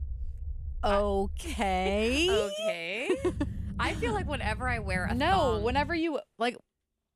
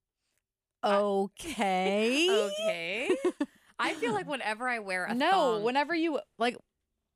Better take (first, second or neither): second